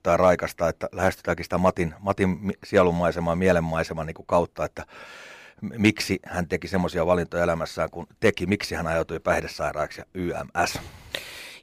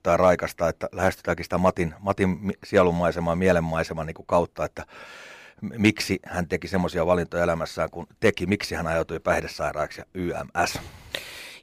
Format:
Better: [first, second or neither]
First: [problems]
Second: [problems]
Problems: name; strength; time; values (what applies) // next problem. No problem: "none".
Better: neither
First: none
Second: none